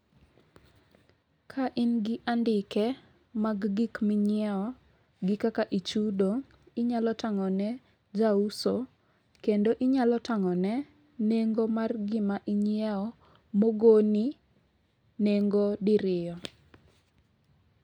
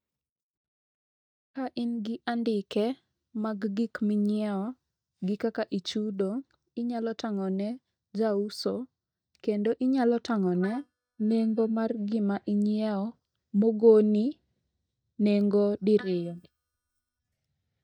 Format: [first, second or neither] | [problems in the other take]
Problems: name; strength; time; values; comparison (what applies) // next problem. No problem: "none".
first | noise reduction (neural mask model DeepFilterNet 3)